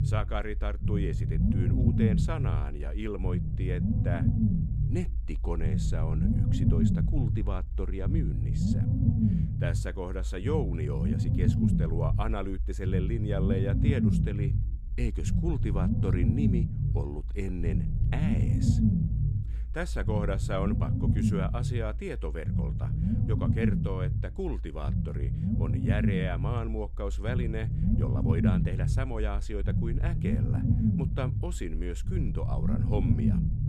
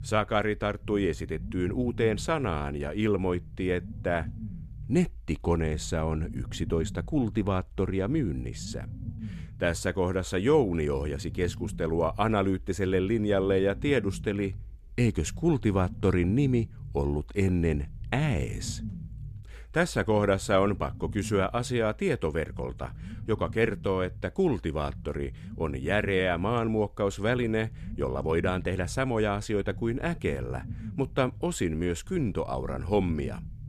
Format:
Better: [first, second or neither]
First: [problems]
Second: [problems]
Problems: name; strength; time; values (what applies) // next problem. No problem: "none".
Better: second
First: low rumble; loud; throughout; as loud as the speech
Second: low rumble; faint; throughout; 20 dB below the speech